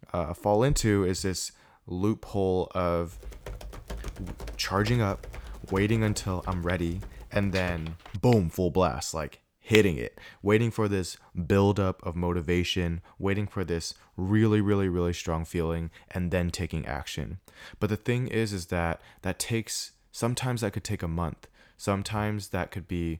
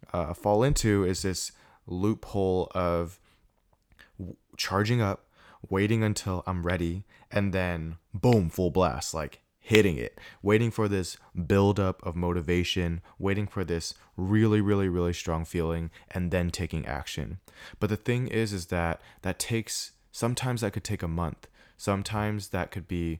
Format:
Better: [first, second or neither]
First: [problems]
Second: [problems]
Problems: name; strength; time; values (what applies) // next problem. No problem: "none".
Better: second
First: keyboard typing; noticeable; from 3 to 8 s; peak 10 dB below the speech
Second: none